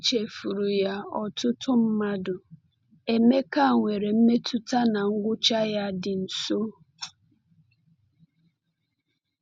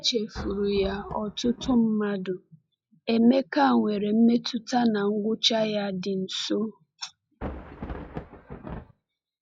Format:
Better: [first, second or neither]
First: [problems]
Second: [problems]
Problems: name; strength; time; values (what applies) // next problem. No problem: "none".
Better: first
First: none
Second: noise reduction (classical method log-MMSE)